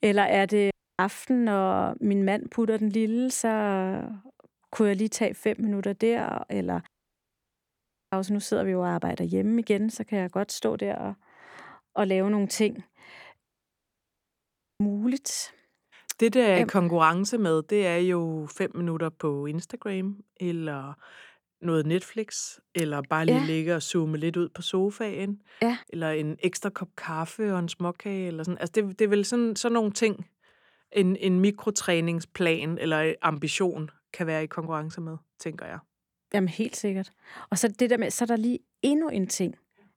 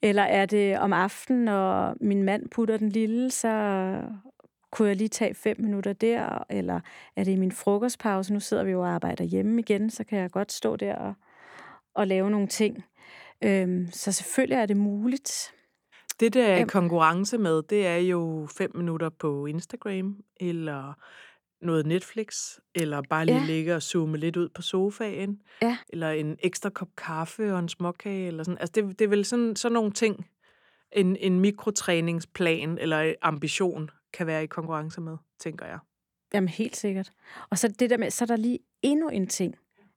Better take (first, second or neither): second